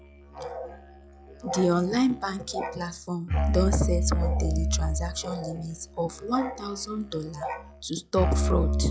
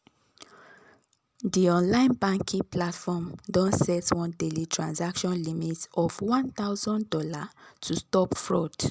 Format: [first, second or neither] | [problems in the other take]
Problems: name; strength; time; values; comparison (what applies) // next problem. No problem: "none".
second | noise reduction (classical method log-MMSE)